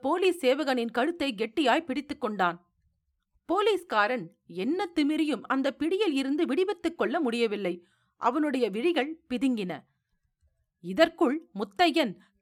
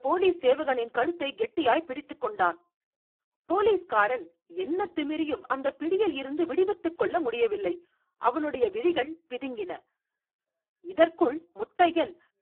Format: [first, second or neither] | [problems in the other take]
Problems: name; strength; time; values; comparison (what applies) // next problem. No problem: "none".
first | phone-call audio; poor line